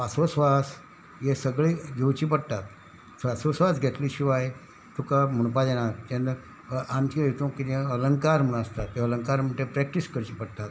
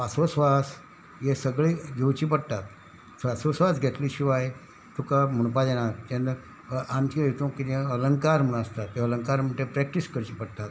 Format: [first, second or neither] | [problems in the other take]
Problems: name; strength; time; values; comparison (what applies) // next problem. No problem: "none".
second | background sound (Tap / Bass drum); 17 dB below the speech